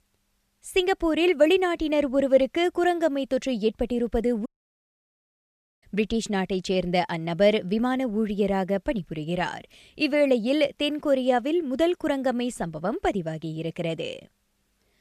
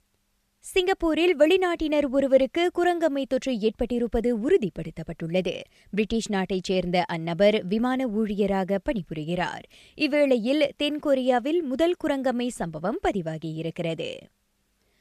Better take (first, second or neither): second